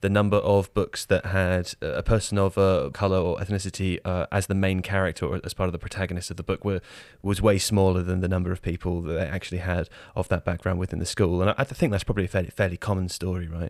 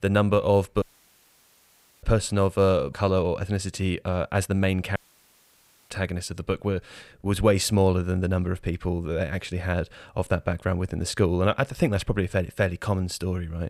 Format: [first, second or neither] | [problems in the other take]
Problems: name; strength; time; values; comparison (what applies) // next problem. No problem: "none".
first | audio cutting out; at 1 s for 1 s and at 5 s for 1 s